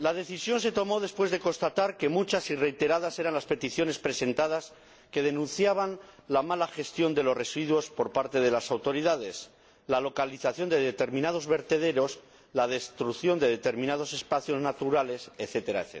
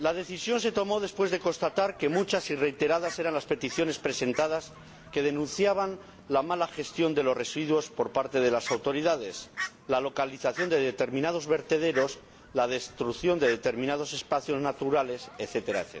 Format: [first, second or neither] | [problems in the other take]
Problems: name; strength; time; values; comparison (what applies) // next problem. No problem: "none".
first | background sound (Fowl); 17 dB below the speech